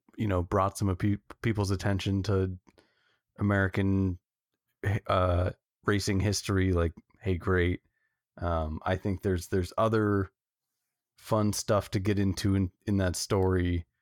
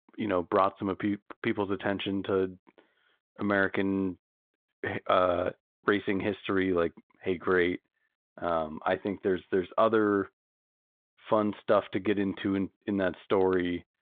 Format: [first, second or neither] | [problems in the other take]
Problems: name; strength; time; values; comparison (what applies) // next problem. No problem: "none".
first | phone-call audio